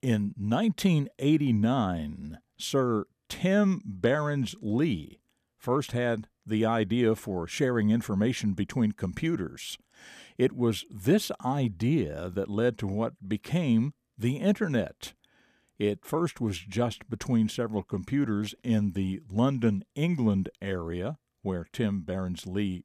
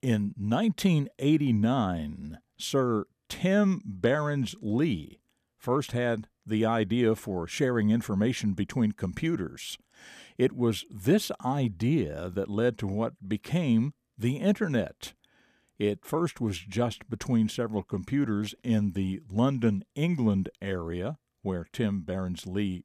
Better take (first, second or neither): neither